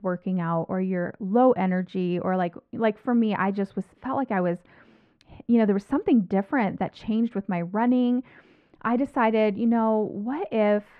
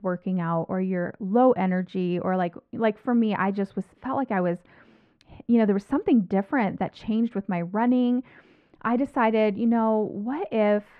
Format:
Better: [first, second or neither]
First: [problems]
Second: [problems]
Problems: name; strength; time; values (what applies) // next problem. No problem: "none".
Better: neither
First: muffled; very; fading above 4 kHz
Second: muffled; very; fading above 4 kHz